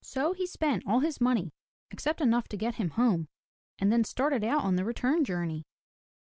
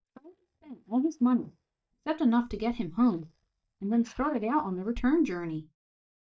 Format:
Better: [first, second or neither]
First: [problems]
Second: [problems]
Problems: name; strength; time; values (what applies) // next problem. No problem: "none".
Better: first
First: none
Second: noise reduction (neural mask model DeepFilterNet 3)